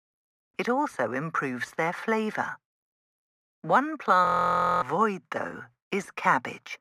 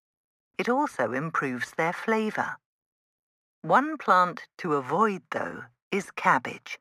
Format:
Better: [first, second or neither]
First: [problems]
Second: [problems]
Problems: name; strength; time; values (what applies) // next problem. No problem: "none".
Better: second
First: audio freezing; at 4.5 s for 0.5 s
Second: none